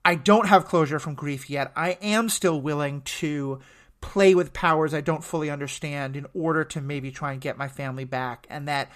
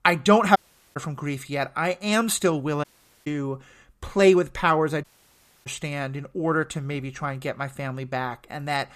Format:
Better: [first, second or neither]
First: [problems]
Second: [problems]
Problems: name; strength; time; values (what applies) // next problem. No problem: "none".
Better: first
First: none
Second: audio cutting out; at 0.5 s, at 3 s and at 5 s for 0.5 s